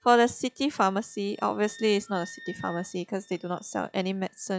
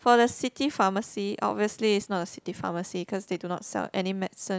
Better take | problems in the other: second | noise reduction (classical method log-MMSE)

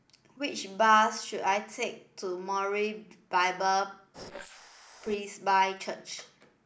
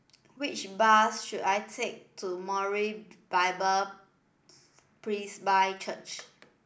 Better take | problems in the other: second | noise reduction (neural mask model Resemble Enhance denoiser)

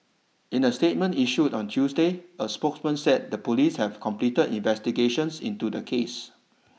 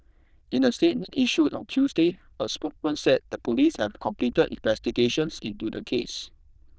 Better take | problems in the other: first | noise reduction (neural diffusion model UNIVERSE++)

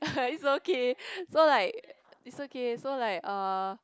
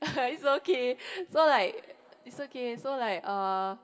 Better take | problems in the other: first | room echo; dies away in 1.9 s

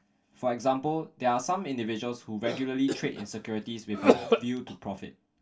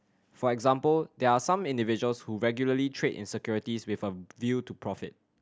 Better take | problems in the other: second | background sound (Cough); 2 dB above the speech // room echo; dies away in 0.2 s

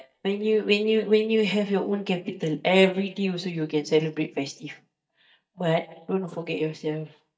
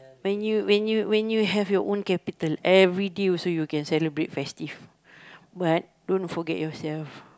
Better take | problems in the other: second | noise reduction (neural mask model DeepFilterNet 3)

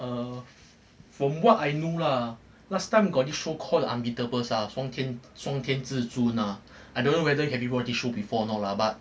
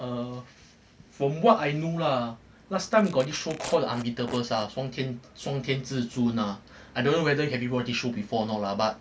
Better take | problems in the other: first | background sound (Tearing); 17 dB below the speech

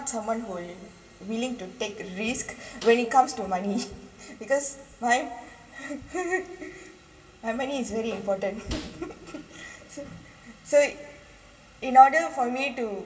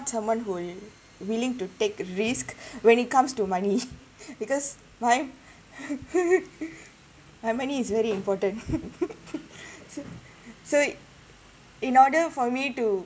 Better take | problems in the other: second | background sound (Snare drum); 18 dB below the speech // room echo; dies away in 1.7 s

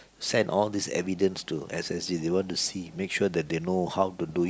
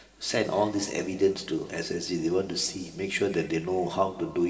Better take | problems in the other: first | room echo; dies away in 2.1 s

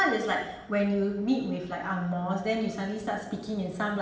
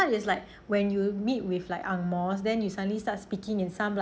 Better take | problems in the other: second | room echo; dies away in 0.8 s

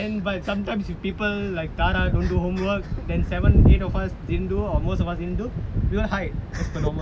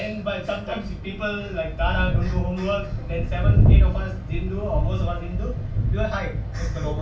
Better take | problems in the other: first | room echo; dies away in 0.3 s

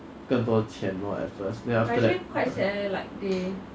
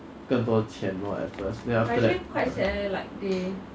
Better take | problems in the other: first | background sound (Run); 17 dB below the speech

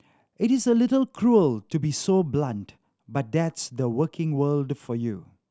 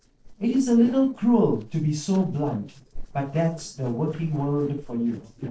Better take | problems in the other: first | noise reduction (neural separator model SepFormer DNS4)

